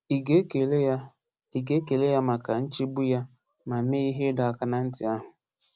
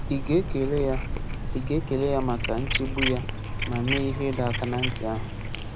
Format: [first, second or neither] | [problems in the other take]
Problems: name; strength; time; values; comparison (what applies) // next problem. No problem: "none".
first | background sound (Cat); 1 dB below the speech